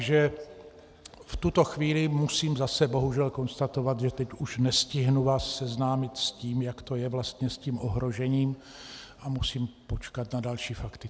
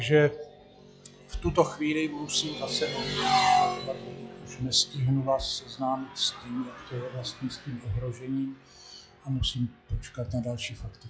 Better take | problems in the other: first | noise reduction (classical method log-MMSE)

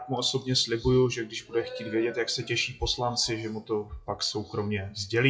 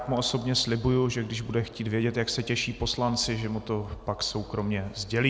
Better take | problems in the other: second | noise reduction (classical method WPE with log-MMSE)

